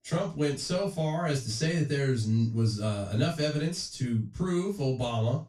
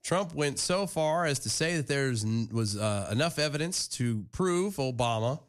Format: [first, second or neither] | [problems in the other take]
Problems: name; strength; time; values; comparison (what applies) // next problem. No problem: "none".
second | room echo; slight; dies away in 0.2 s // off-mic speech; far